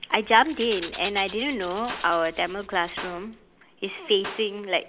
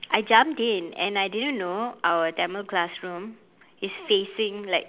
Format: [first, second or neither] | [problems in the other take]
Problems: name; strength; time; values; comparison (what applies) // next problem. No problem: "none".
second | background sound (Clapping + Rattle / Rattle (instrument)); 14 dB below the speech